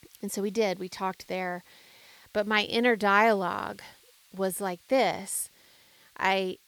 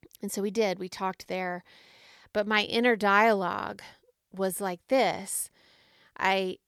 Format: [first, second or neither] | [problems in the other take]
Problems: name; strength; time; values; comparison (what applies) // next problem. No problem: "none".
second | hiss; faint; throughout; 30 dB below the speech